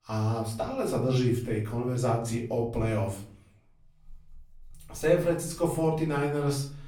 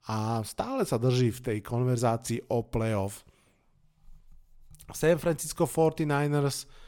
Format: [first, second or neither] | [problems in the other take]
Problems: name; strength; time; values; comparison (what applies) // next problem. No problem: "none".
second | room echo; slight; dies away in 0.4 s // off-mic speech; far